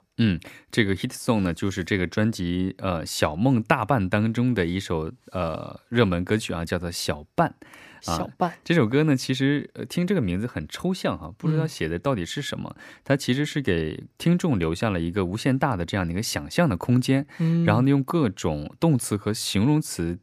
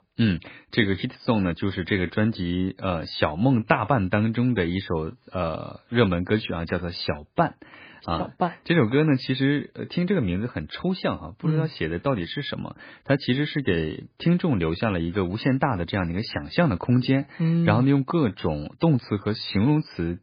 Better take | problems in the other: first | garbled, watery; badly; nothing above 5 kHz

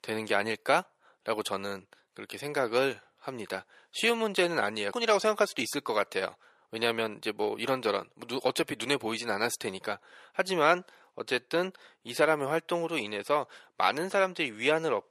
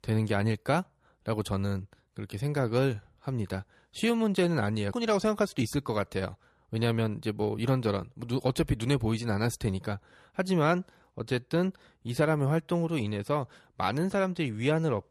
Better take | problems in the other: second | thin; somewhat; fading below 450 Hz

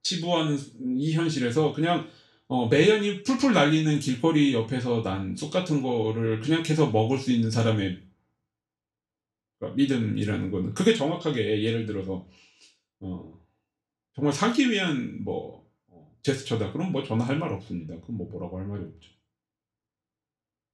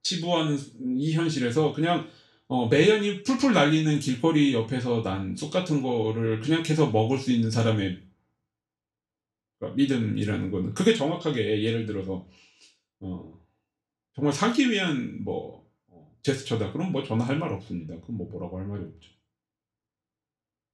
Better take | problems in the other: neither | room echo; slight; dies away in 0.3 s; the same in both // off-mic speech; far; the same in both

